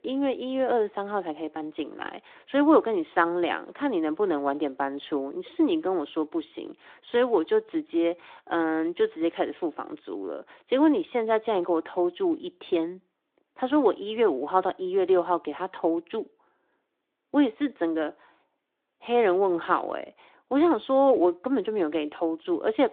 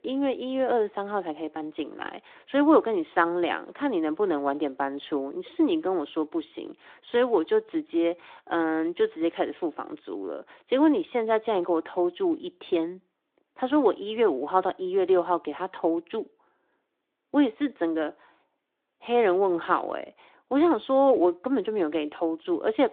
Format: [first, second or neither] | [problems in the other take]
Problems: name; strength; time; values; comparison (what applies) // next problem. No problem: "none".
neither | phone-call audio; the same in both